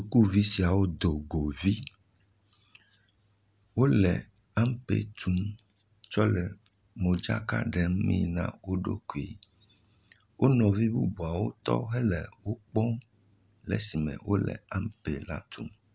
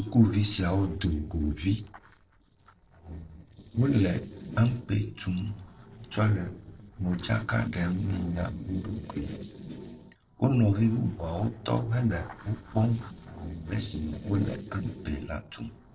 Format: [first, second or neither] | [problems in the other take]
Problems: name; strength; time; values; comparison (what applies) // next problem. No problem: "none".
first | noise reduction (neural separator model SepFormer DNS4)